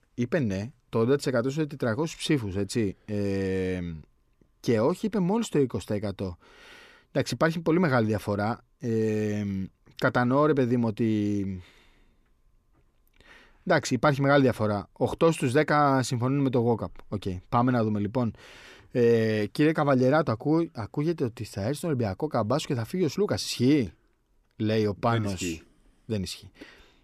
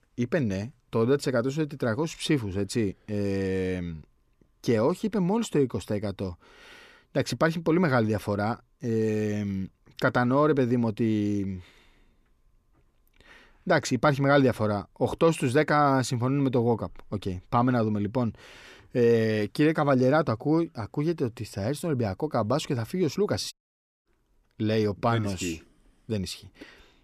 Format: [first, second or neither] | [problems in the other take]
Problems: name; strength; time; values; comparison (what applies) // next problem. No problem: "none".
first | audio cutting out; at 24 s for 0.5 s